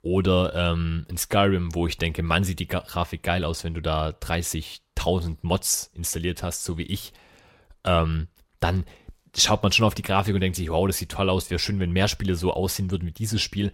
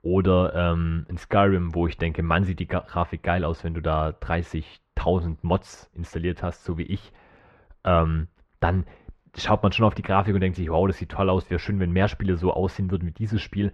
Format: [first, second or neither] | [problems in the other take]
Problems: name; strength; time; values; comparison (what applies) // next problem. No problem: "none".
first | muffled; very; fading above 1.5 kHz